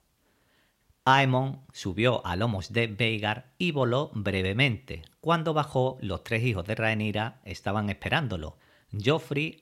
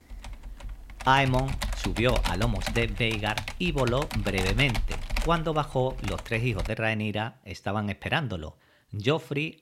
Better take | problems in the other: first | keyboard typing; noticeable; until 6.5 s; peak 3 dB below the speech

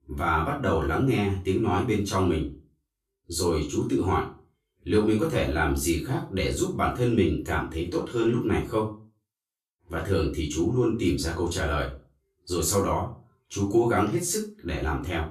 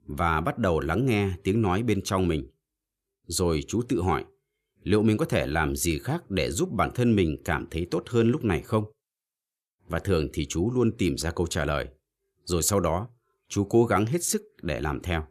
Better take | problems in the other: second | off-mic speech; far // room echo; slight; dies away in 0.3 s

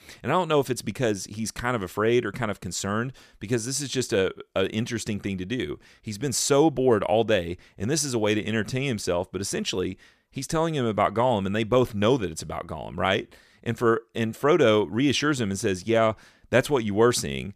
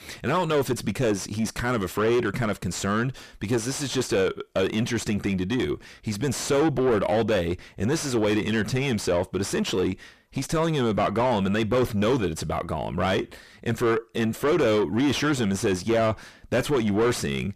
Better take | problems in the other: first | distortion; heavy; 6 dB below the speech

